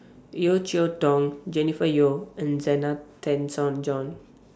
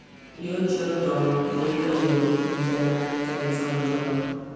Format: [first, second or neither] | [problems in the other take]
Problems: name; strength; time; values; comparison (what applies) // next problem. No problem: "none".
first | background sound (Motorcycle); 11 dB below the speech // room echo; dies away in 2.1 s